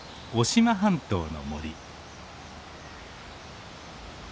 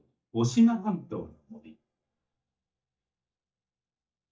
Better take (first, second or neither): first